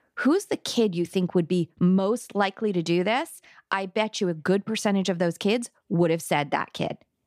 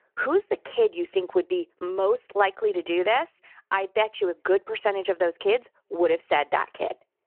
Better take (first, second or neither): first